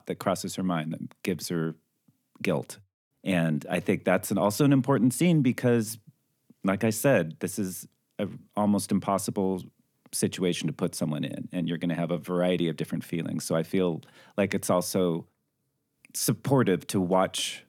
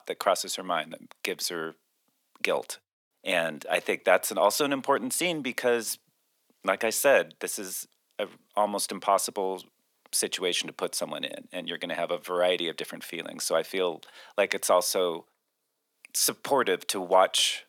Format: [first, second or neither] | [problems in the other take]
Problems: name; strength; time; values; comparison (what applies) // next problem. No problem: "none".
first | thin; very; fading below 650 Hz